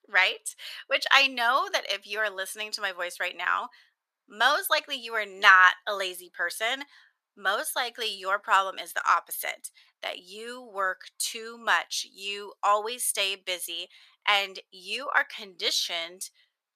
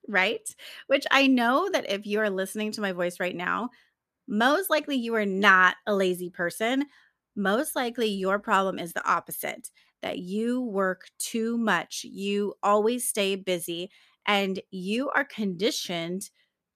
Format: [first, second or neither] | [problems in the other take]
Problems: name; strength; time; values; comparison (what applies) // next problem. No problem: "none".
second | thin; very; fading below 950 Hz